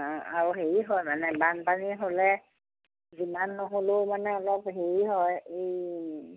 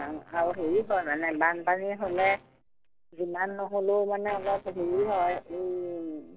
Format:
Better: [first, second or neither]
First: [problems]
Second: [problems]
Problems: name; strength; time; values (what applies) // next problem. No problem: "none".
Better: first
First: none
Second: noise reduction (neural separator model SepFormer DNS4)